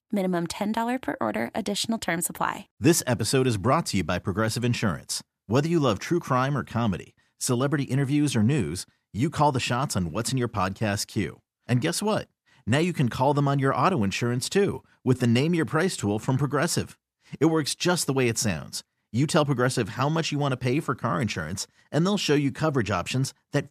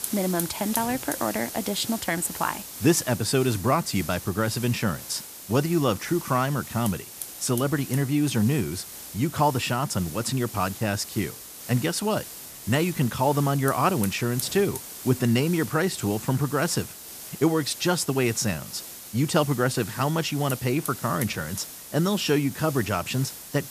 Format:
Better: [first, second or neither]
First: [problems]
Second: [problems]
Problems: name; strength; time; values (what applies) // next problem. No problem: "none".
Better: first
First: none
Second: hiss; noticeable; throughout; 10 dB below the speech